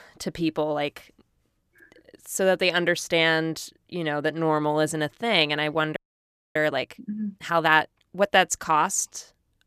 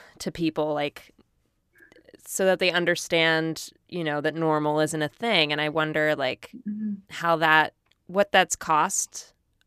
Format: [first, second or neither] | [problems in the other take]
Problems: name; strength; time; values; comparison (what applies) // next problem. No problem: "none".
second | audio freezing; at 6 s for 0.5 s